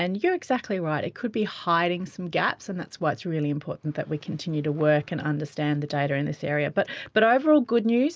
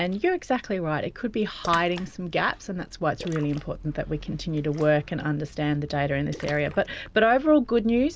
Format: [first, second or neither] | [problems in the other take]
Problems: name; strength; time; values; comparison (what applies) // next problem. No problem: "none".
first | background sound (Splash, splatter); 18 dB below the speech